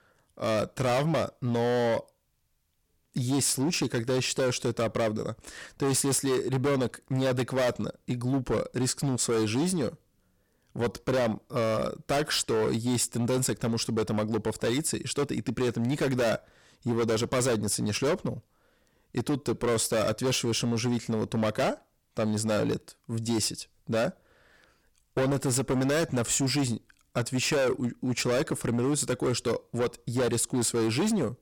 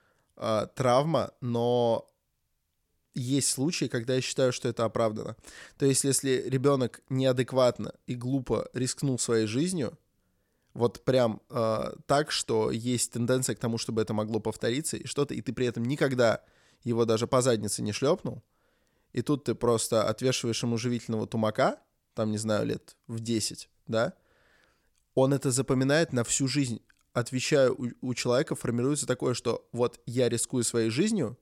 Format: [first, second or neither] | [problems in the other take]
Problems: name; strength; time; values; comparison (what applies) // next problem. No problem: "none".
second | distortion; heavy; 16% of the sound clipped